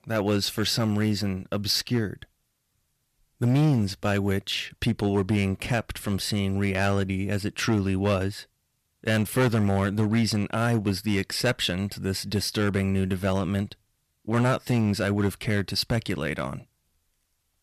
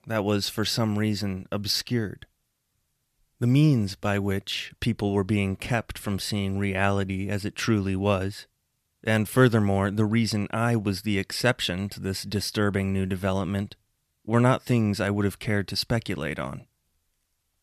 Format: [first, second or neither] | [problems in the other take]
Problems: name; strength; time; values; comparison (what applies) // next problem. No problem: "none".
second | distortion; slight; 4% of the sound clipped